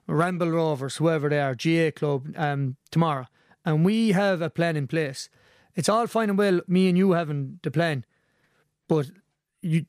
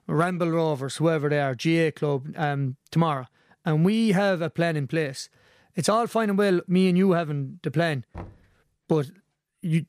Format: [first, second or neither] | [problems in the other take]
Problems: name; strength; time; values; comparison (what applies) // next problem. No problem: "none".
first | door banging; faint; at 8 s; peak 20 dB below the speech